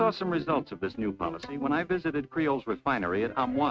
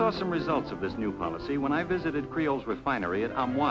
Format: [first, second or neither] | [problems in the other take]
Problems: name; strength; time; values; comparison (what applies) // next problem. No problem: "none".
second | noise reduction (neural mask model RNNoise)